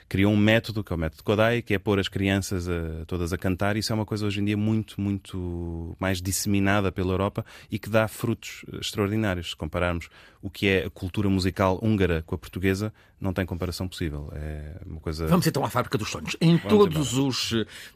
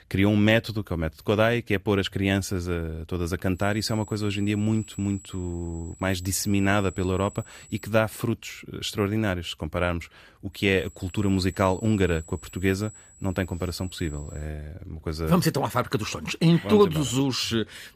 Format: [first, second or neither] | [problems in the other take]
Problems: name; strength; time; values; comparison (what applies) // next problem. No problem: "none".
first | high-pitched whine; faint; from 3.5 to 8 s and from 11 to 14 s; 8 kHz, 20 dB below the speech